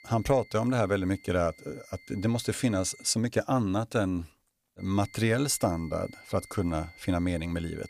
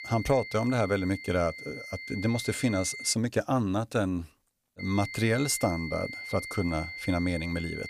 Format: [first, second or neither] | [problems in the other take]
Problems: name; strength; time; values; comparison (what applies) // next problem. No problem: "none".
first | high-pitched whine; loud; until 3 s and from 5 s on; 2 kHz, 9 dB below the speech; faint in the first